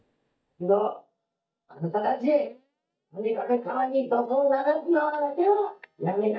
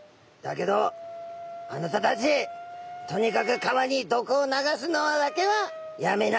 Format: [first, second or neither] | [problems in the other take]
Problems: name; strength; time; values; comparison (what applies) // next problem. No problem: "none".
second | noise reduction (neural mask model DeepFilterNet 3)